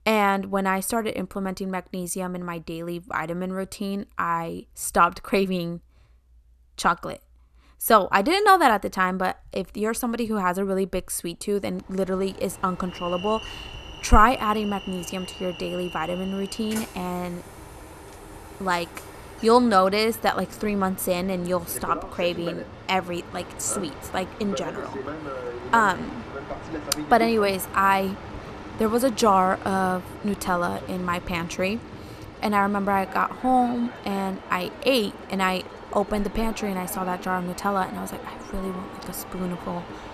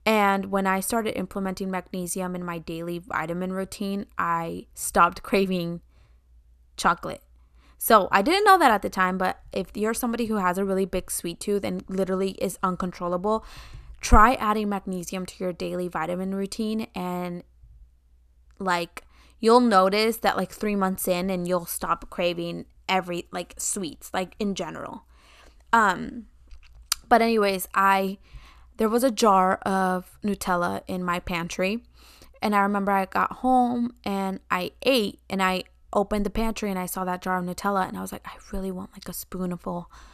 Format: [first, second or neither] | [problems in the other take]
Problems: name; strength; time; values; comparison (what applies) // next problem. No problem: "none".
second | train or aircraft noise; noticeable; from 12 s on; 15 dB below the speech